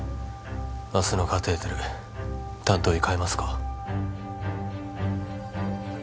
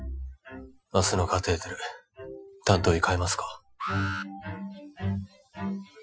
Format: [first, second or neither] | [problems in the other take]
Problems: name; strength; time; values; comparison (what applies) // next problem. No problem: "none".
first | noise reduction (classical method Wiener filter)